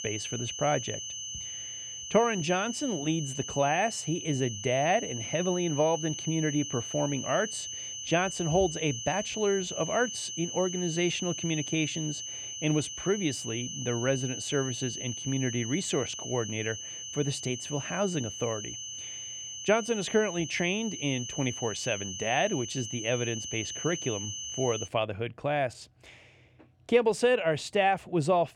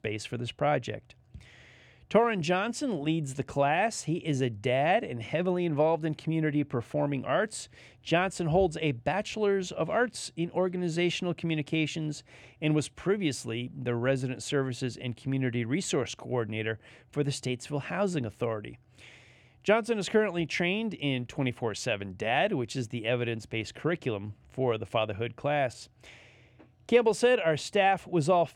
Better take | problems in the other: second | high-pitched whine; loud; until 25 s; 6 kHz, 6 dB below the speech

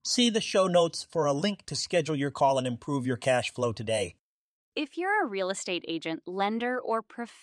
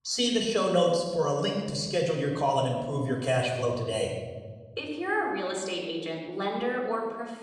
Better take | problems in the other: first | off-mic speech; somewhat distant // room echo; noticeable; dies away in 1.4 s

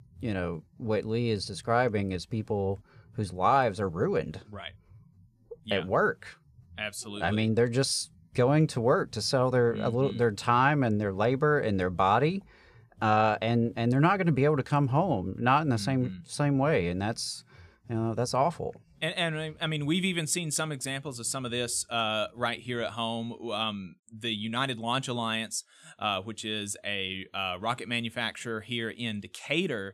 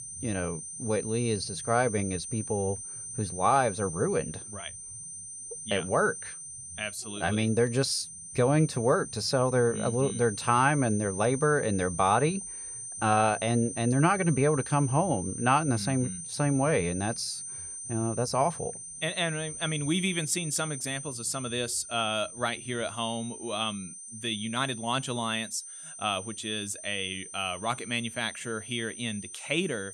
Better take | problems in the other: first | high-pitched whine; loud; throughout; 9 kHz, 9 dB below the speech

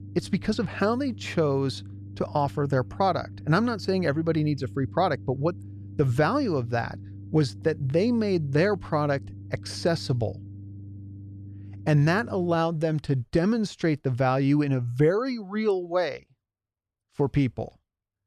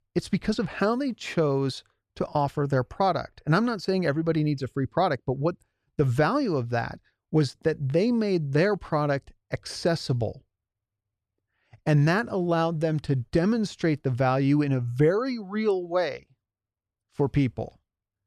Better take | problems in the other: second | low rumble; faint; until 13 s; 25 dB below the speech

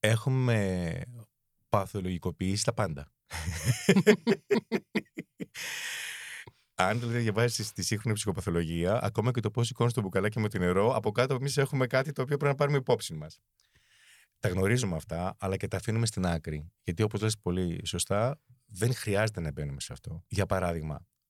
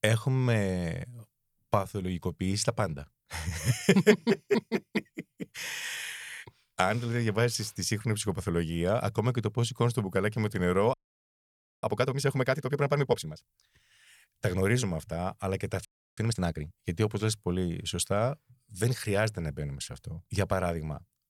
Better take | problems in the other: first | audio freezing; at 11 s for 1 s and at 16 s

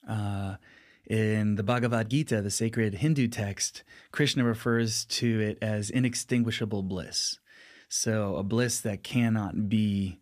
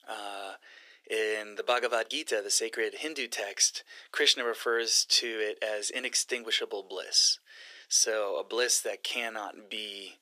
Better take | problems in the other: first | thin; very; fading below 400 Hz

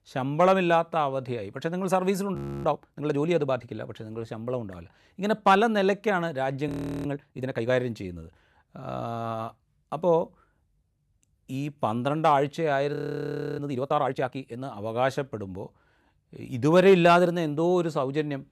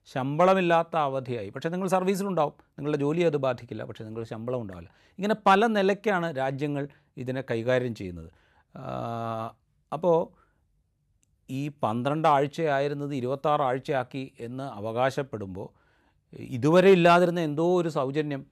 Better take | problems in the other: second | audio freezing; at 2.5 s, at 6.5 s and at 13 s for 0.5 s

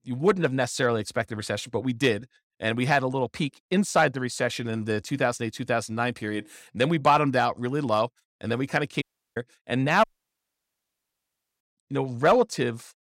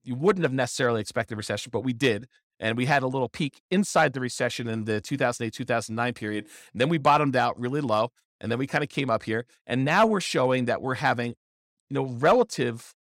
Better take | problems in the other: second | audio cutting out; at 9 s and at 10 s for 1.5 s

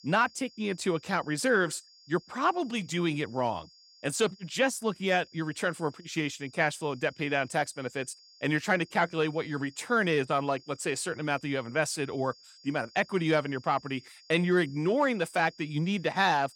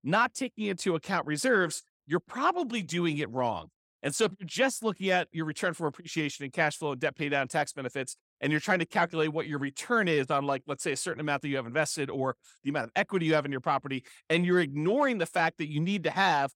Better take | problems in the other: second | high-pitched whine; faint; throughout; 5 kHz, 25 dB below the speech

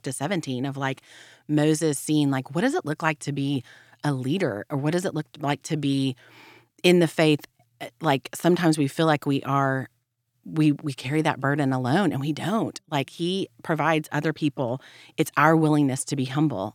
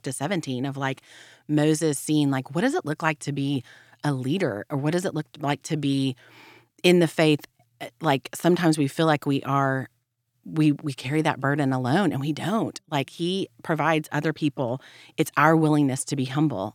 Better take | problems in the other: neither | none

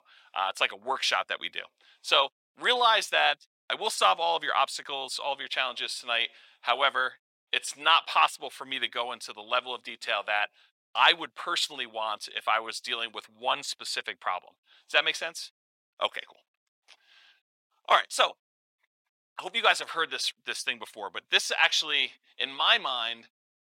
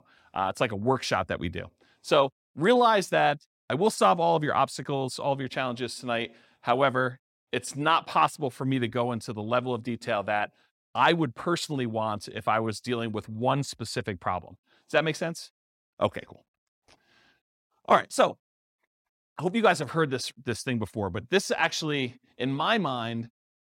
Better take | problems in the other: second | thin; very; fading below 850 Hz

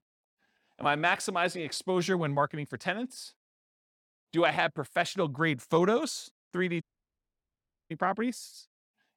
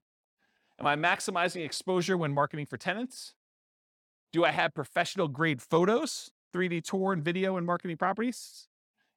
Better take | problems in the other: second | audio cutting out; at 7 s for 1 s

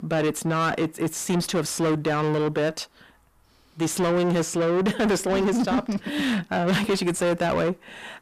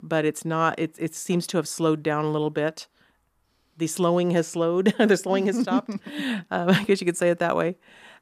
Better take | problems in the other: second | distortion; heavy; 6 dB below the speech

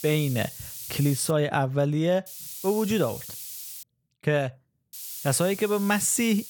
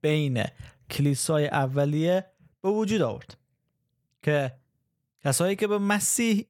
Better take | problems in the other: second | hiss; noticeable; until 1.5 s, from 2.5 to 4 s and from 5 s on; 10 dB below the speech

